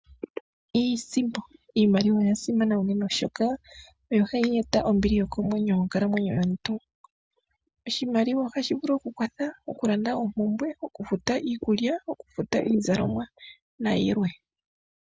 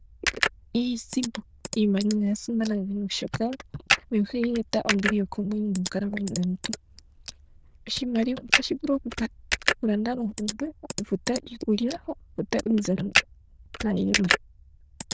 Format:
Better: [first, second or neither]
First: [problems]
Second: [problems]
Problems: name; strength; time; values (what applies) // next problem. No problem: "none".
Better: first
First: none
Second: noise reduction (neural diffusion model UNIVERSE++)